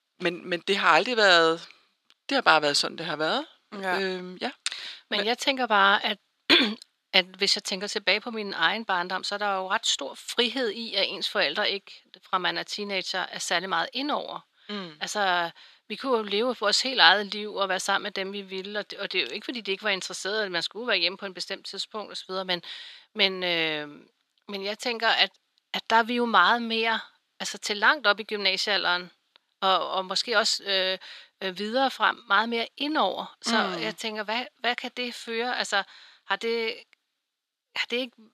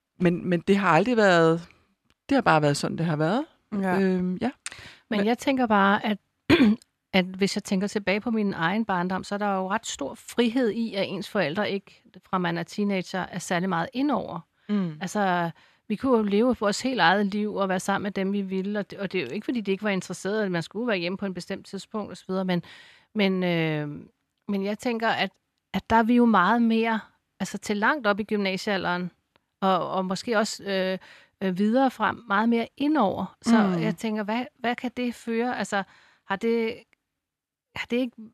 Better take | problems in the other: second | thin; somewhat; fading below 400 Hz

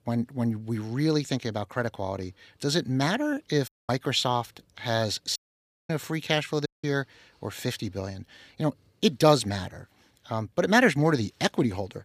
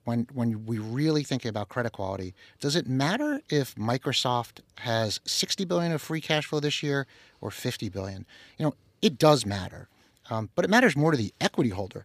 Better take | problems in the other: second | audio cutting out; at 3.5 s, at 5.5 s for 0.5 s and at 6.5 s

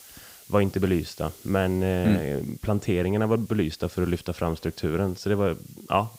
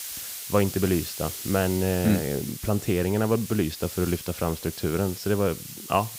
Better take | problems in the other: first | hiss; loud; throughout; 9 dB below the speech; faint in the first

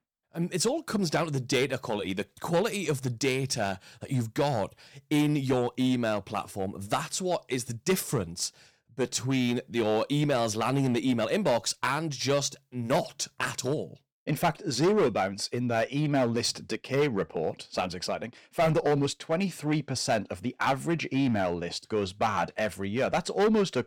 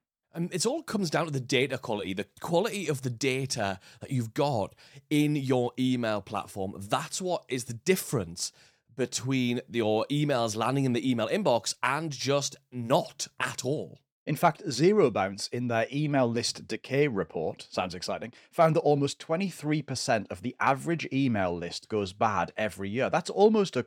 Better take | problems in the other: second | distortion; slight; 5% of the sound clipped

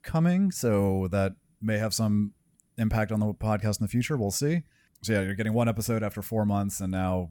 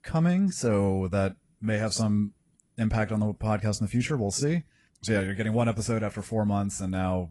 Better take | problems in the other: first | garbled, watery; slightly; nothing above 10.5 kHz

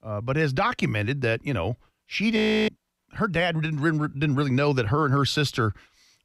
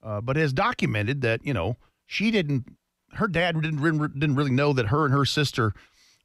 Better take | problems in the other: second | audio freezing; at 2.5 s

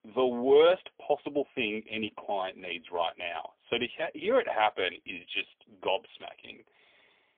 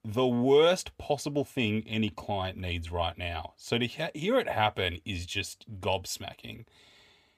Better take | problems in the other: second | phone-call audio; poor line; nothing above 3.5 kHz

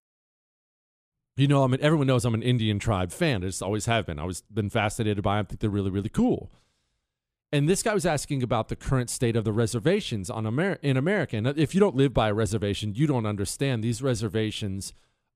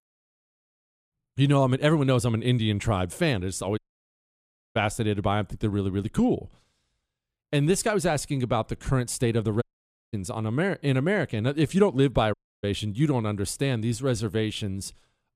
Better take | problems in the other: first | audio cutting out; at 4 s for 1 s, at 9.5 s for 0.5 s and at 12 s

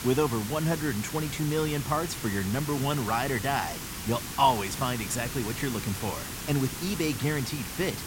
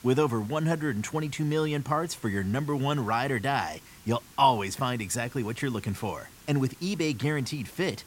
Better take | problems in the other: second | hiss; loud; throughout; 6 dB below the speech; faint in the second

